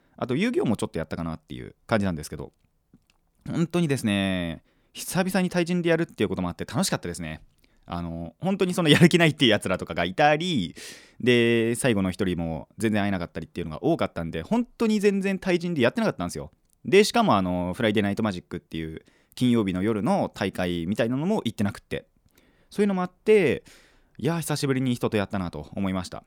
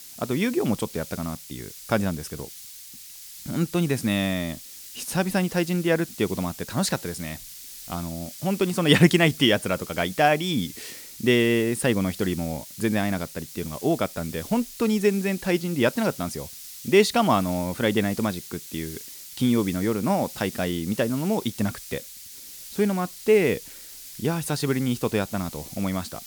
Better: first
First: none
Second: hiss; noticeable; throughout; 15 dB below the speech

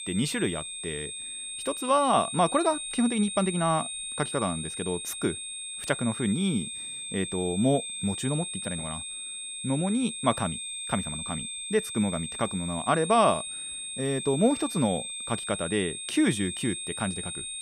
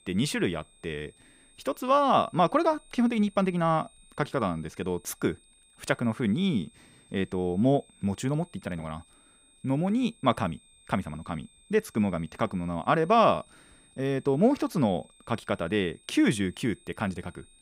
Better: second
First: high-pitched whine; loud; throughout; 8.5 kHz, 5 dB below the speech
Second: high-pitched whine; faint; throughout; 8.5 kHz, 30 dB below the speech

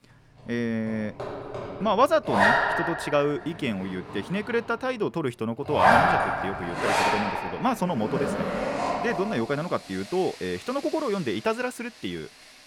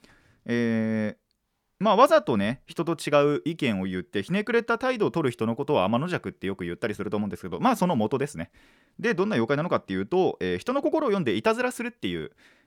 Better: second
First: household noises; very loud; throughout; 3 dB above the speech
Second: none

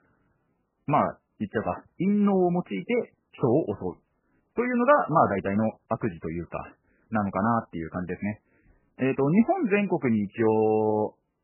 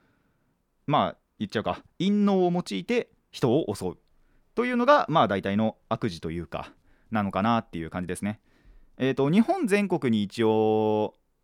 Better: second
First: garbled, watery; badly; nothing above 2.5 kHz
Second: none

